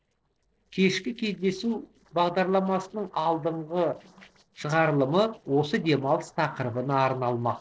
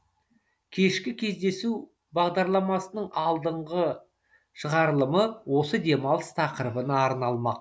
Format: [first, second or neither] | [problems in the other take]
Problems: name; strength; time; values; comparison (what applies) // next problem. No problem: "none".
second | noise reduction (neural separator model SepFormer DNS4)